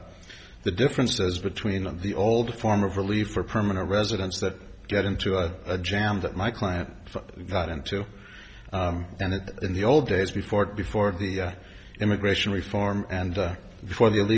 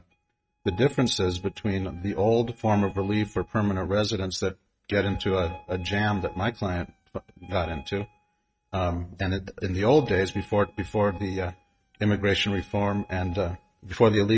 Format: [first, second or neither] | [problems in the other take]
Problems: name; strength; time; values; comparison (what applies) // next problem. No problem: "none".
first | noise reduction (neural mask model RNNoise)